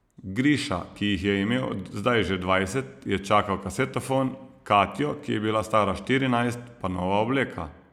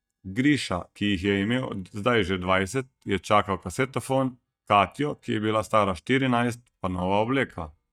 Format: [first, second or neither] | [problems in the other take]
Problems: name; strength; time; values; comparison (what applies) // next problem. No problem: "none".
first | noise reduction (neural mask model DeepFilterNet 3)